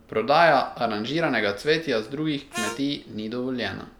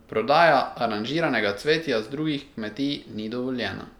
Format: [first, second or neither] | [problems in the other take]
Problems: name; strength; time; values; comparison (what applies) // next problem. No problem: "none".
second | background sound (Harmonica); 10 dB below the speech